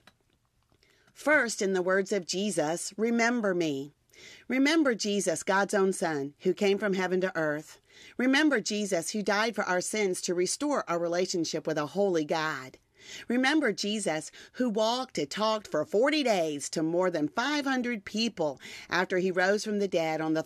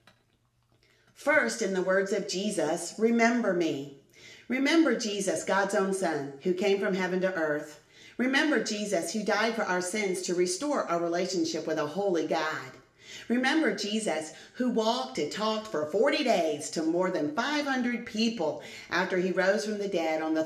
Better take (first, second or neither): first